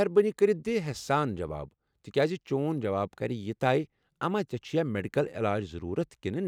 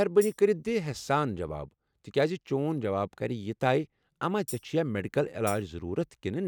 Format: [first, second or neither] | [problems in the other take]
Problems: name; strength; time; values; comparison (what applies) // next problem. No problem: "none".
first | background sound (Tambourine); 19 dB below the speech